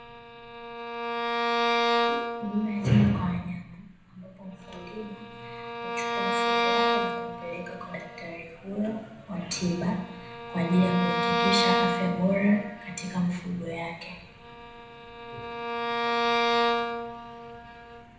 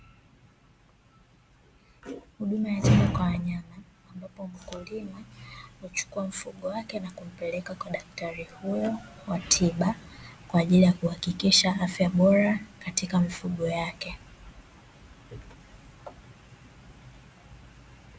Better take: second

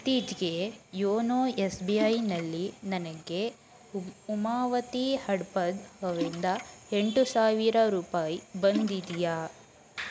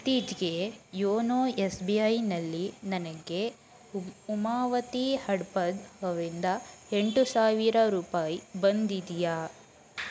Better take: second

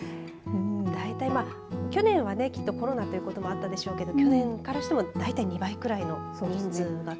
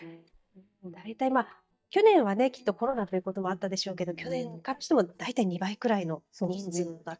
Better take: first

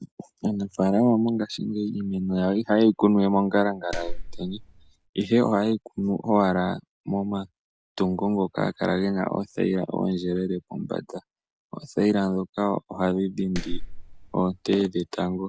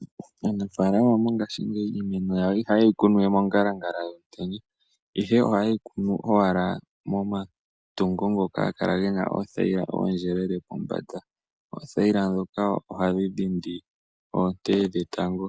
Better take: second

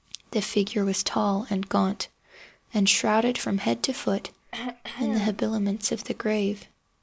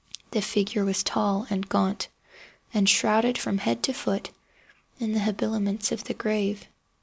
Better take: second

